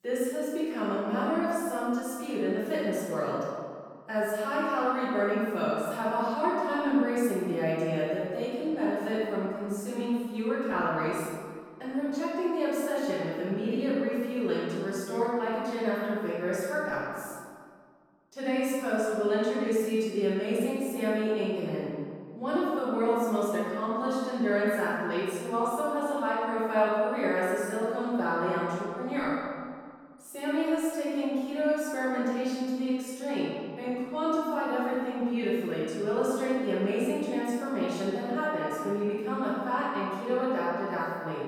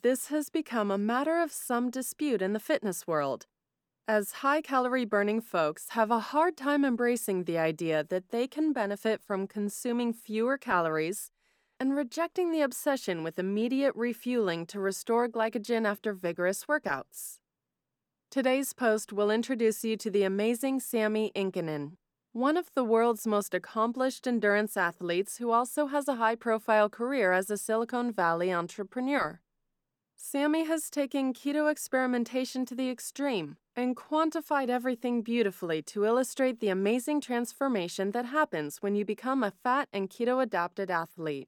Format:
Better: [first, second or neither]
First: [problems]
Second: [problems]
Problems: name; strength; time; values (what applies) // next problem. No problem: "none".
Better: second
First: off-mic speech; far // room echo; strong; dies away in 1.8 s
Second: none